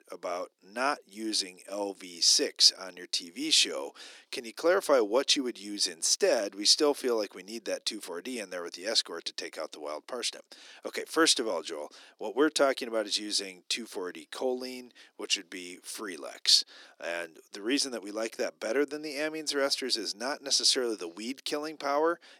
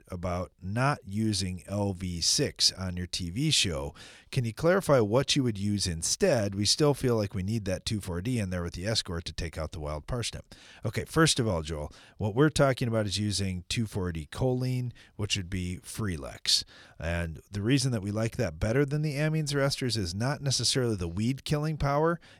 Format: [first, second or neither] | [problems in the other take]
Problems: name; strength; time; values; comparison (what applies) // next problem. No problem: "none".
second | thin; somewhat; fading below 300 Hz